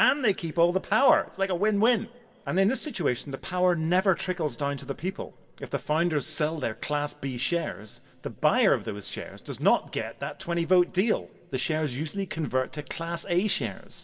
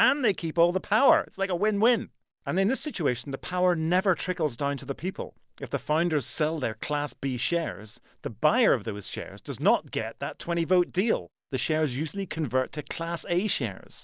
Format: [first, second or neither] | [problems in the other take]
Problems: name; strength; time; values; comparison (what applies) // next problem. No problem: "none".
second | room echo; dies away in 1.9 s